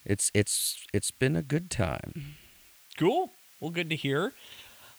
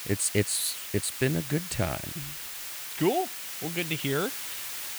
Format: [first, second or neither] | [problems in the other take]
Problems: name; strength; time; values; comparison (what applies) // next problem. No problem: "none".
first | hiss; loud; throughout; 6 dB below the speech; faint in the first